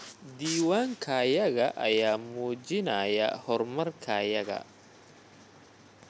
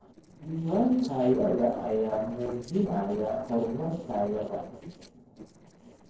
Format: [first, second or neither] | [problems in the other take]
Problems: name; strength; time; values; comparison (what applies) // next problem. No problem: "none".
first | noise reduction (neural separator model SepFormer DNS4)